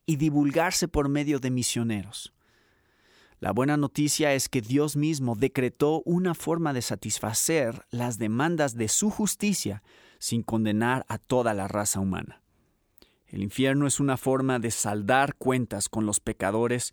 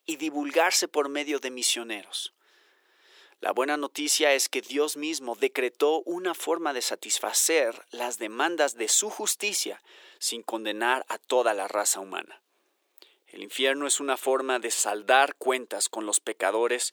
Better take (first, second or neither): first